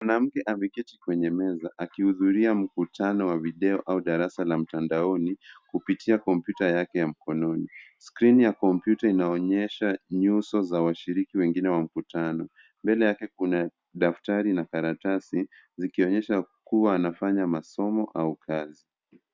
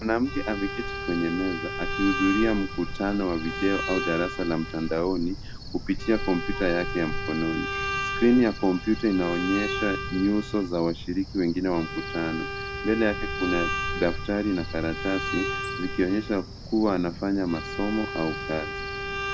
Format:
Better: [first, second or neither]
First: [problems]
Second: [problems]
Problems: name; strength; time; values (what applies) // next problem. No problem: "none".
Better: first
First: none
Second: background sound (Bowed string instrument + Cricket); 5 dB below the speech